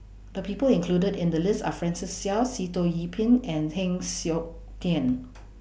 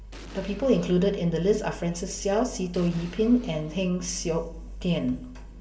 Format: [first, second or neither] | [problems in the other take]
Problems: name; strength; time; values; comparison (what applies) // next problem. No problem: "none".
first | background sound (Explosion); 20 dB below the speech // room echo; dies away in 1.9 s